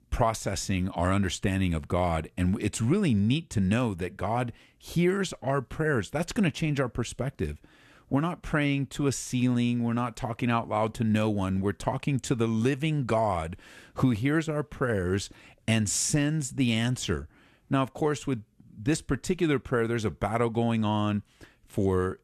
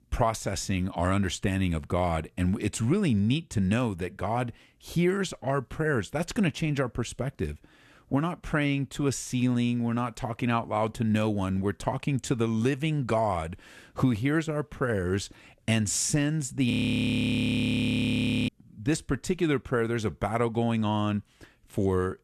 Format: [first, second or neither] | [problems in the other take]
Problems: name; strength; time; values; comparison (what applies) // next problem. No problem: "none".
first | audio freezing; at 17 s for 2 s